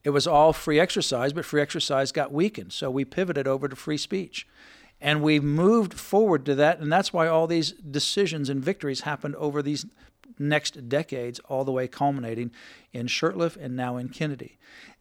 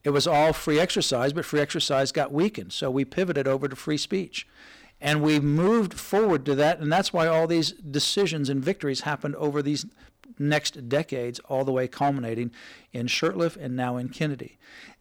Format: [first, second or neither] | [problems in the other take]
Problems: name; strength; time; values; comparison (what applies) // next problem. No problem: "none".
first | distortion; slight; 6% of the sound clipped